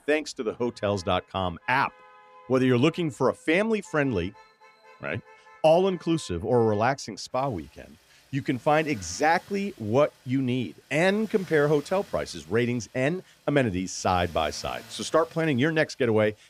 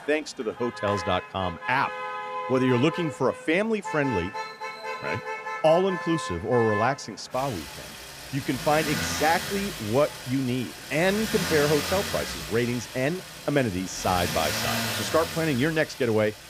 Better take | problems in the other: first | traffic noise; loud; throughout; 6 dB below the speech; faint in the first

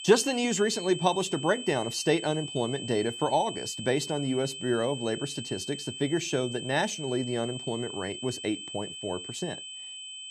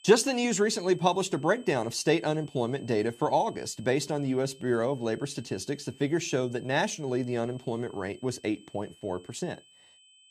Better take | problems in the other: second | high-pitched whine; loud; throughout; 3 kHz, 8 dB below the speech; faint in the second

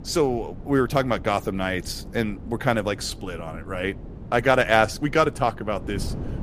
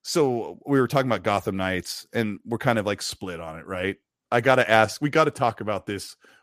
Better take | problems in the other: second | wind noise on the microphone; occasional gusts; 20 dB below the speech

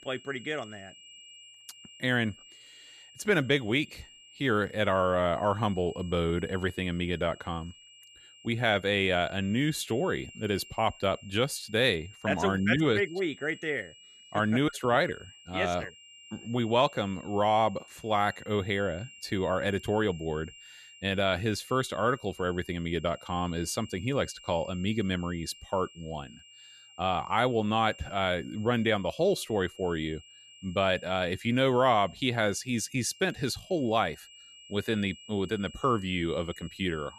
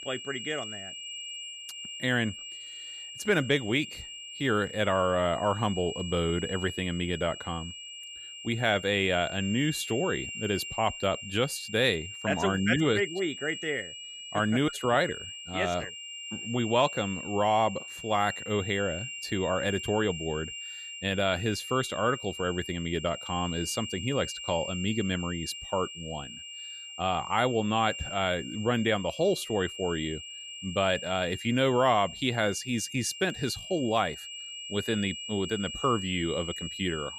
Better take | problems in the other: first | high-pitched whine; loud; throughout; 3 kHz, 9 dB below the speech; faint in the first

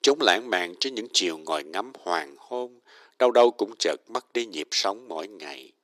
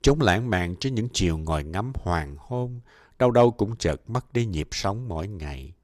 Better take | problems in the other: second | thin; somewhat; fading below 300 Hz

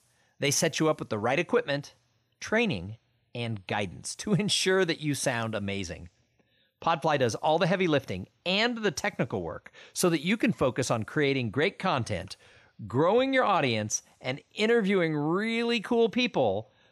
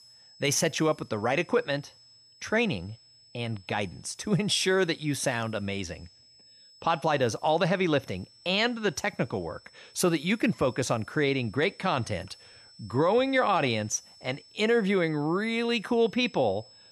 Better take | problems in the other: first | high-pitched whine; faint; throughout; 5.5 kHz, 25 dB below the speech

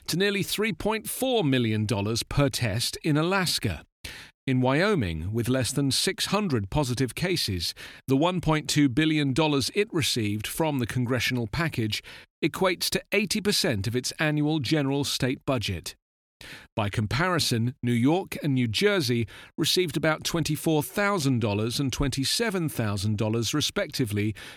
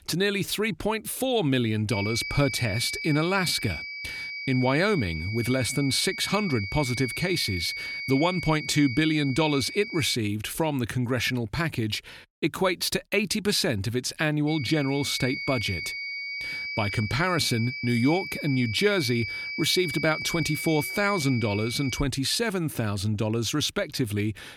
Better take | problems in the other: first | high-pitched whine; loud; from 2 to 10 s and from 14 to 22 s; 2.5 kHz, 7 dB below the speech

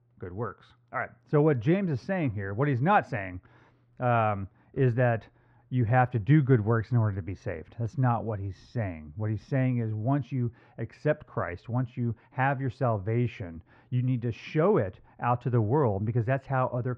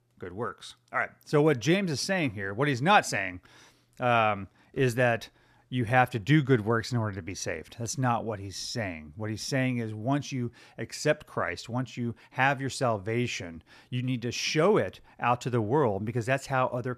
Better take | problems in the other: second | muffled; very; fading above 1.5 kHz

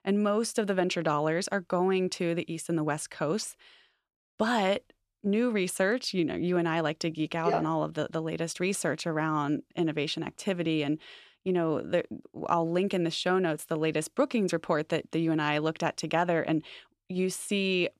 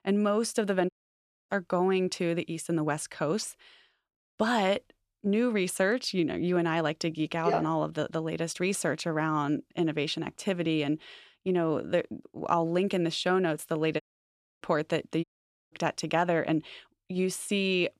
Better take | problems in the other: first | audio cutting out; at 1 s for 0.5 s, at 14 s for 0.5 s and at 15 s

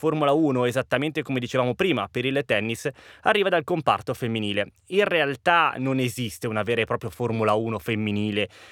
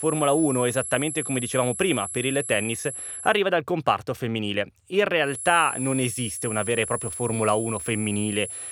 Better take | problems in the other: first | high-pitched whine; loud; until 3.5 s and from 5.5 s on; 11 kHz, 6 dB below the speech

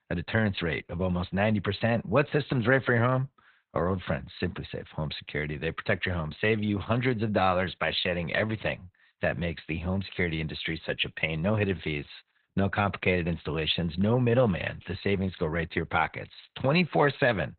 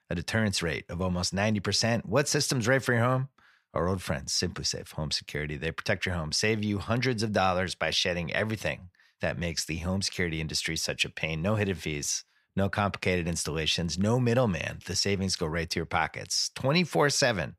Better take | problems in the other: second | garbled, watery; badly; nothing above 4 kHz

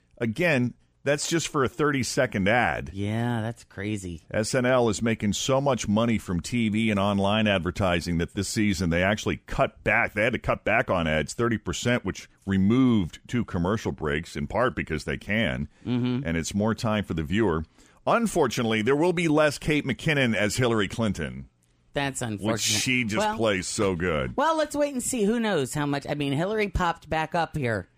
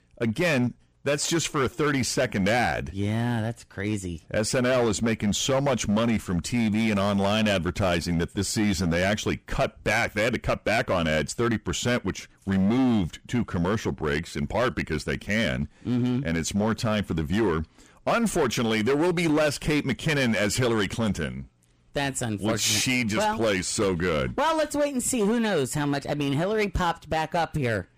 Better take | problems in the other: first | distortion; slight; 11% of the sound clipped

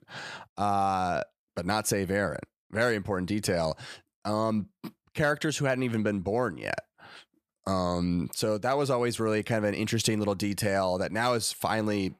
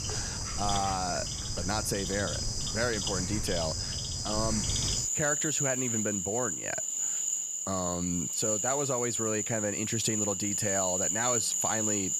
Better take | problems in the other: first | animal sounds; very loud; throughout; 3 dB above the speech

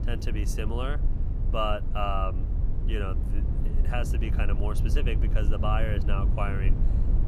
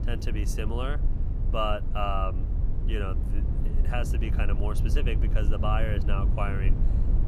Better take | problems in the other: neither | low rumble; noticeable; throughout; 10 dB below the speech; the same in both

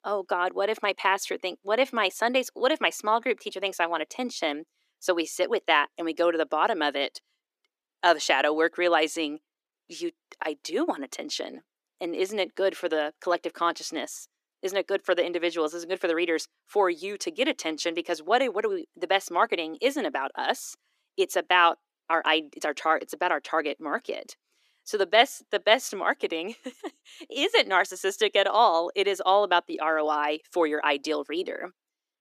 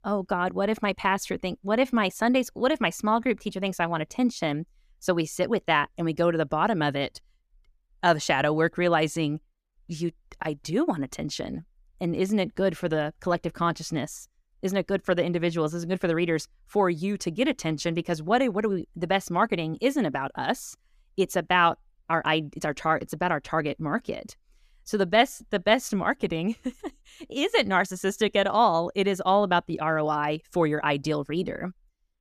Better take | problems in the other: second | thin; somewhat; fading below 300 Hz

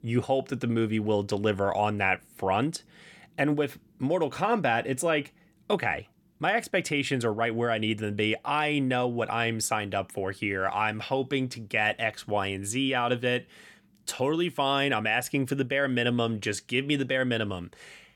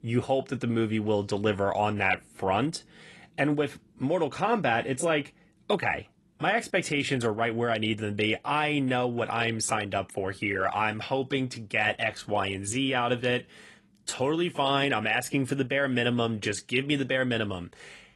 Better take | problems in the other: first | garbled, watery; slightly

